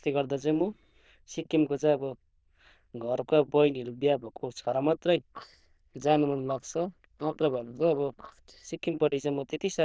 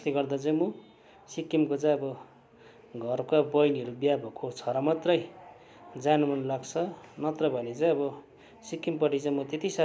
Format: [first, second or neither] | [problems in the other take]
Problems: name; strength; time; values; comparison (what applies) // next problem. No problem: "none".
second | noise reduction (neural diffusion model UNIVERSE++)